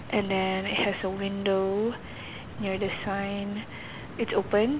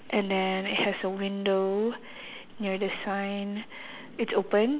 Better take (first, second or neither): second